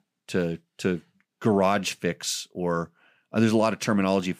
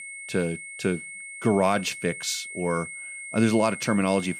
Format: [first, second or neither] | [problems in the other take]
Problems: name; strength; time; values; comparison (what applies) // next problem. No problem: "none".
first | high-pitched whine; noticeable; throughout; 2 kHz, 10 dB below the speech